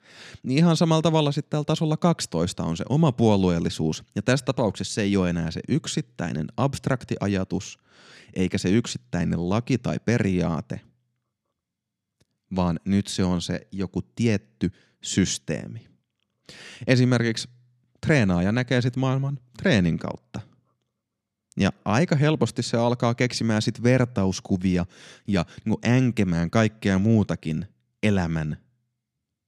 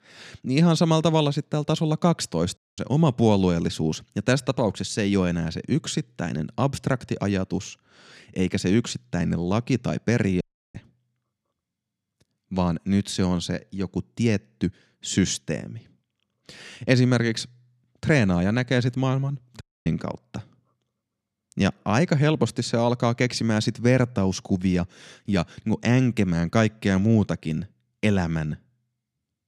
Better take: first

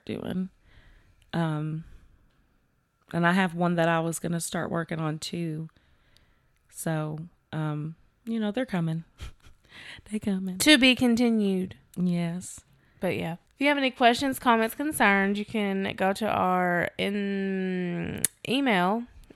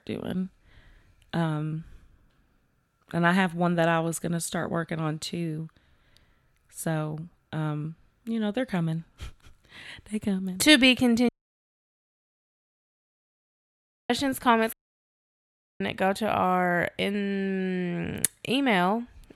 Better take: first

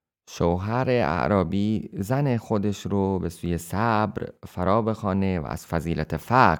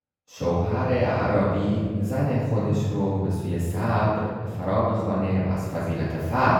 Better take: first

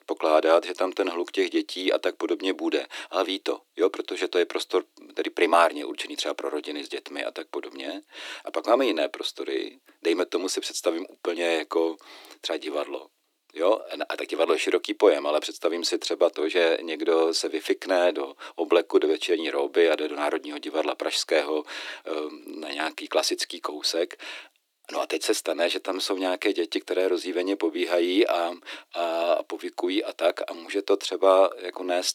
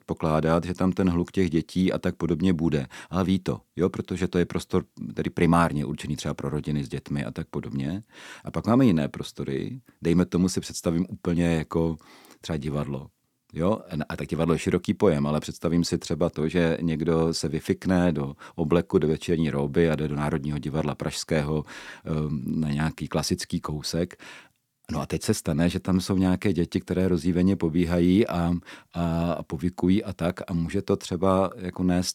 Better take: second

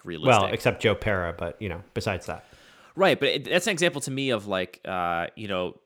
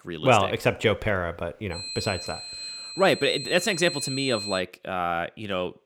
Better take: first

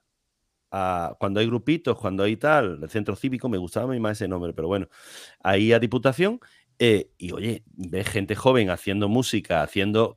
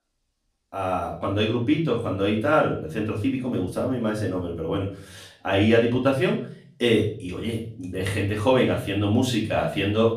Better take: first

